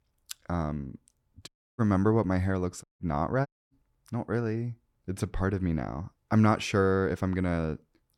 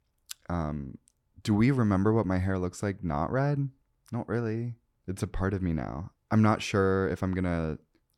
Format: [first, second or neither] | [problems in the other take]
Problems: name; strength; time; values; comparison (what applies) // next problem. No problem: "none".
second | audio cutting out; at 1.5 s, at 3 s and at 3.5 s